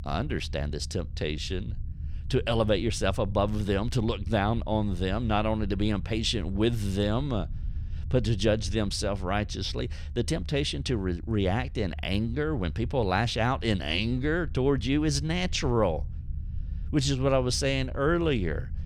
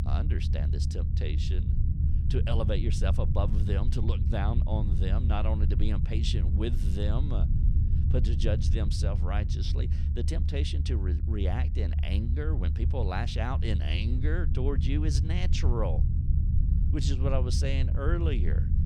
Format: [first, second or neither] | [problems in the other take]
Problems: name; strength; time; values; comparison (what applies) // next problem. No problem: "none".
first | low rumble; loud; throughout; 6 dB below the speech; faint in the first